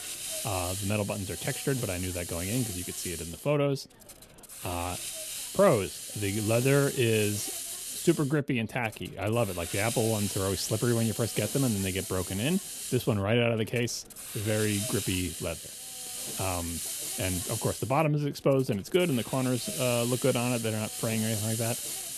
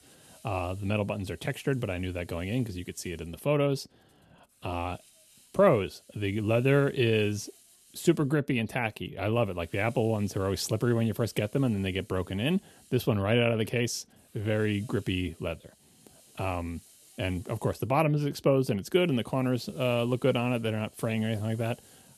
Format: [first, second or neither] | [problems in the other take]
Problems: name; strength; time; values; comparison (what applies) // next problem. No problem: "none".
second | hiss; loud; throughout; 5 dB below the speech; faint in the second